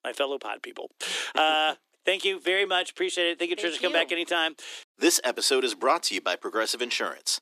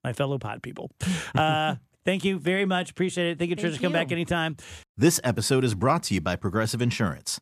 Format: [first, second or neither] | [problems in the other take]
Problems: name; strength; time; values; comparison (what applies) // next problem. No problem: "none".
second | thin; very; fading below 300 Hz